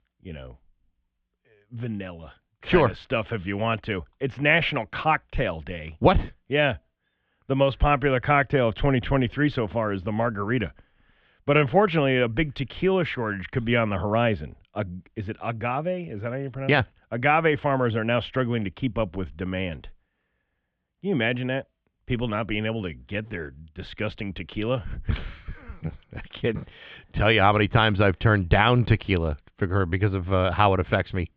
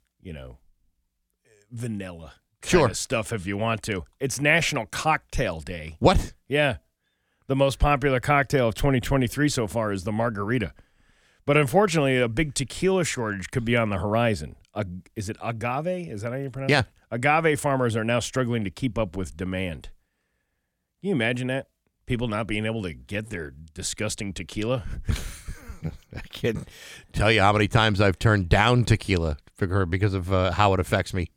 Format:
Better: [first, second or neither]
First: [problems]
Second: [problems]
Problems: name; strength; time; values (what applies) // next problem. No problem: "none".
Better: second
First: muffled; very; fading above 3 kHz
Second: none